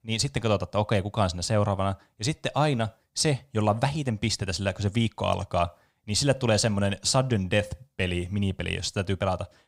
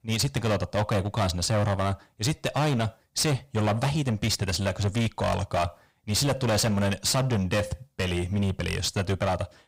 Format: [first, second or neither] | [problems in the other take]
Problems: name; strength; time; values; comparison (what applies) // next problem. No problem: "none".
first | distortion; heavy; 18% of the sound clipped